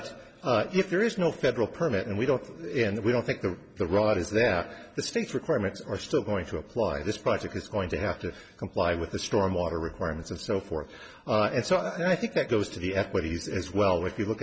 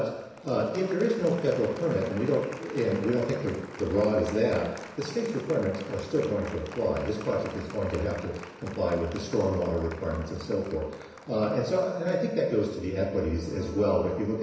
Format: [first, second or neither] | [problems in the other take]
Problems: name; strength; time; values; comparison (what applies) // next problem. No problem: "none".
first | background sound (Applause); 17 dB below the speech // room echo; dies away in 1 s